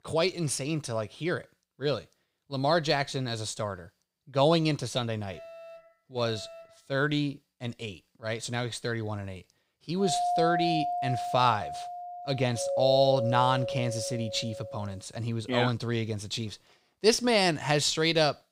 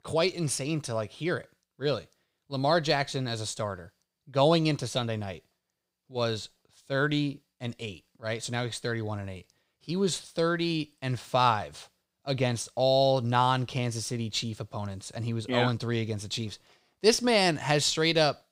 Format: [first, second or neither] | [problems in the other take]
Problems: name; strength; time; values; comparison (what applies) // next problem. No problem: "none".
second | alarm; faint; from 5.5 to 7 s; peak 15 dB below the speech // doorbell; loud; from 10 to 15 s; peak 1 dB above the speech